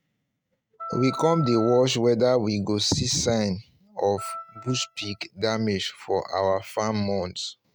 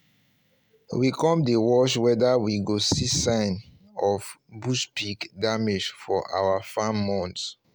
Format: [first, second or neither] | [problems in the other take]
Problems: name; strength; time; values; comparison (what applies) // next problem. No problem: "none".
second | noise reduction (neural mask model RNNoise)